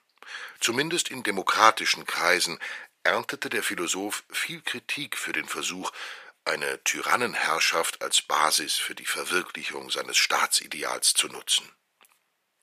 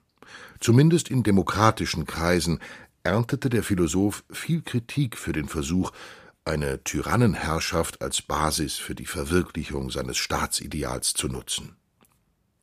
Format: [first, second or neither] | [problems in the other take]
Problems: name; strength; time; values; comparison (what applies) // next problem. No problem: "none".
second | thin; very; fading below 600 Hz